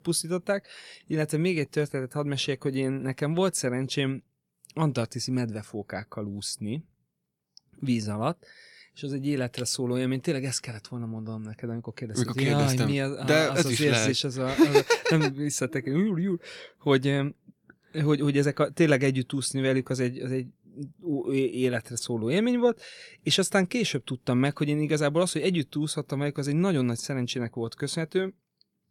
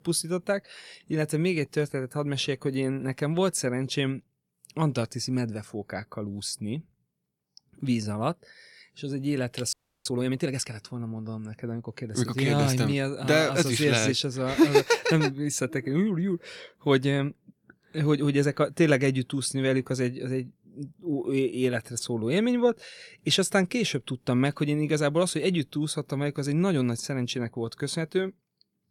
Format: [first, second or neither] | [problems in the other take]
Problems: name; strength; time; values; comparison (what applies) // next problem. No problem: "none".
first | audio freezing; at 9.5 s